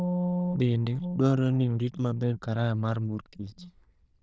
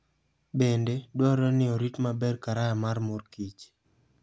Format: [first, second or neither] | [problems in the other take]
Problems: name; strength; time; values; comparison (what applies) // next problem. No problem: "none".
second | noise reduction (neural diffusion model UNIVERSE++)